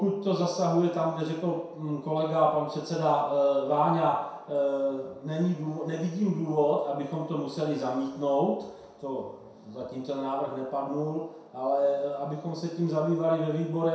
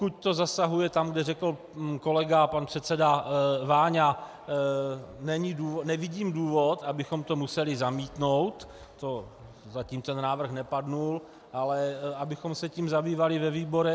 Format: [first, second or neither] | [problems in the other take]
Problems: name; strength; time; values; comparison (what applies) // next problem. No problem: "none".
second | room echo; dies away in 0.7 s